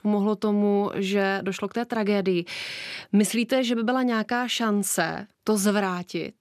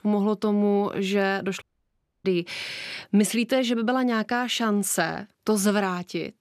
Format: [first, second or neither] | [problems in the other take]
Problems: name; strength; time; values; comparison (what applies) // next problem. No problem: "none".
first | audio cutting out; at 1.5 s for 0.5 s